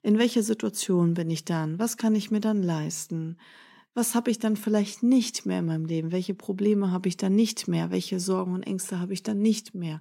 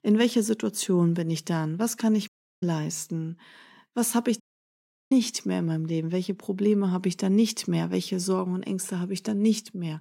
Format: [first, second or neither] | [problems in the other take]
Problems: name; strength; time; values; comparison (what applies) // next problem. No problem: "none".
first | audio cutting out; at 2.5 s and at 4.5 s for 0.5 s